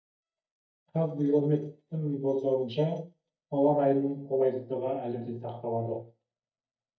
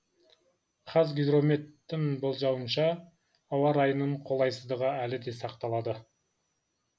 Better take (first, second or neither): second